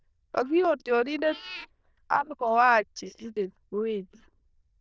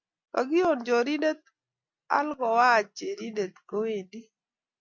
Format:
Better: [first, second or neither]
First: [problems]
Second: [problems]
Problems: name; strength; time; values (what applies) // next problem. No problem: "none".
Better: second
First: noise reduction (neural diffusion model UNIVERSE++)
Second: none